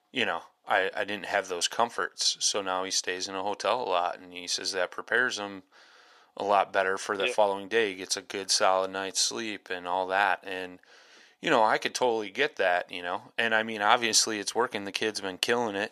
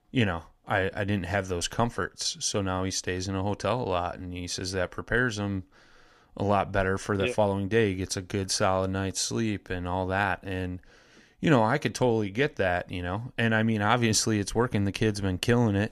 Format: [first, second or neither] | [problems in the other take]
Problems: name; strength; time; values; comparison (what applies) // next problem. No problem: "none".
second | thin; very; fading below 450 Hz